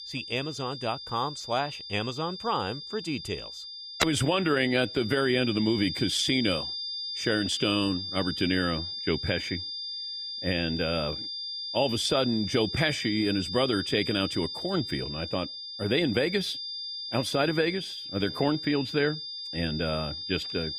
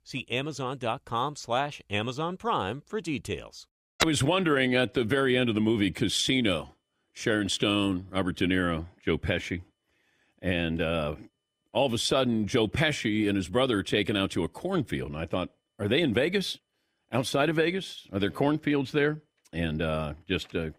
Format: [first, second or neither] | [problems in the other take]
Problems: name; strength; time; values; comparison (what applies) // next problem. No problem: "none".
second | high-pitched whine; loud; throughout; 5 kHz, 6 dB below the speech